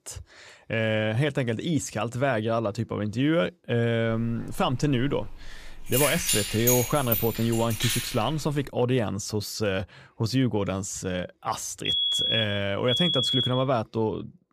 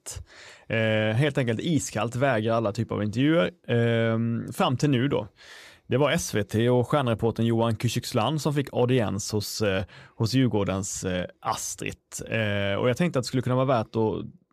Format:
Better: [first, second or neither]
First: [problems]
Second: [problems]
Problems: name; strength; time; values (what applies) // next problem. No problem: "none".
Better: second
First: jangling keys; loud; from 4 to 8.5 s; peak 3 dB above the speech // alarm; loud; from 12 to 14 s; peak 5 dB above the speech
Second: none